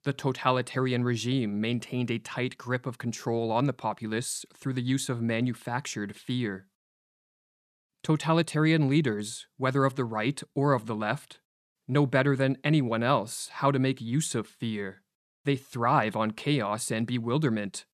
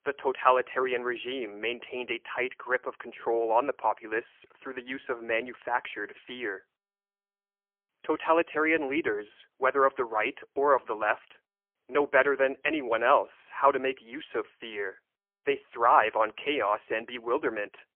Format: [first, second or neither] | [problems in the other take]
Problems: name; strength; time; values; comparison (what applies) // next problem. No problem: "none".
first | phone-call audio; poor line; nothing above 3 kHz